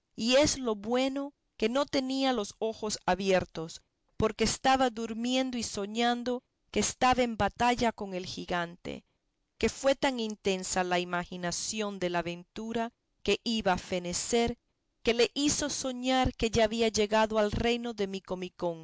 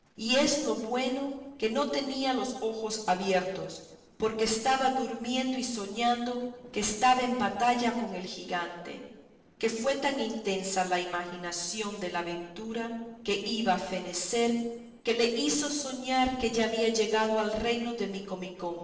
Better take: first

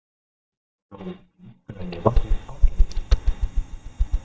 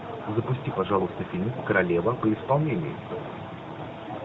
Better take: second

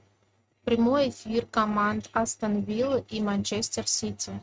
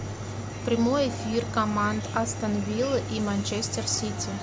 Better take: second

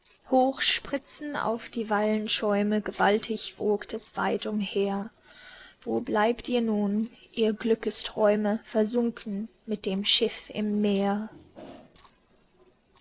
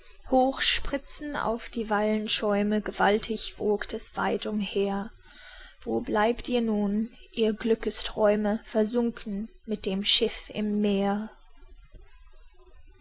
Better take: second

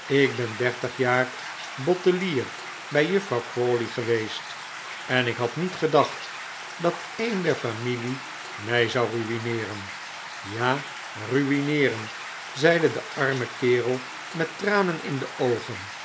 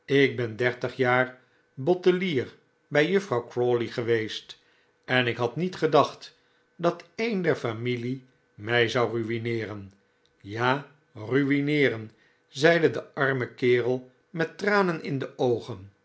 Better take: second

